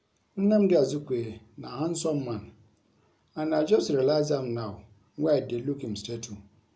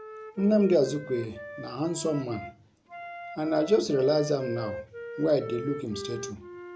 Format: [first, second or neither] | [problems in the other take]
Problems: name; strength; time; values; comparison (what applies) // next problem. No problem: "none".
first | background sound (Wind instrument, woodwind instrument); 12 dB below the speech